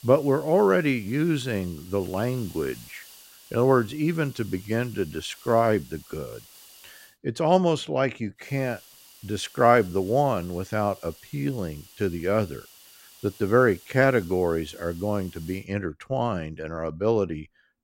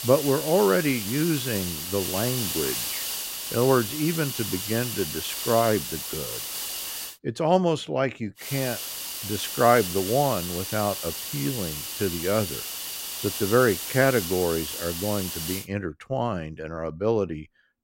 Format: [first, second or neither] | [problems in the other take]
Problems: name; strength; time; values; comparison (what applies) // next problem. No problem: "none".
first | hiss; loud; until 7 s and from 8.5 to 16 s; 4 dB below the speech; faint in the first